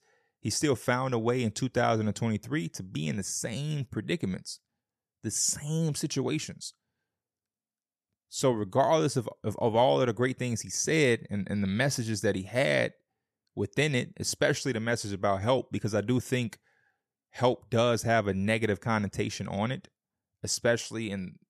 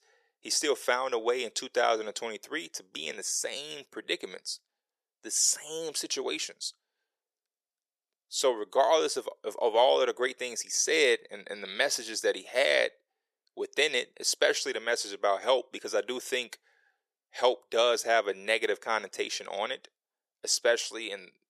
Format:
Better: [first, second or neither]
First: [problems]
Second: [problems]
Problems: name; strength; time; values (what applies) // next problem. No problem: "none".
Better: first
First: none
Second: thin; very; fading below 400 Hz